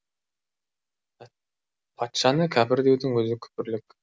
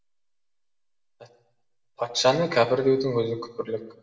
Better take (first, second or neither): first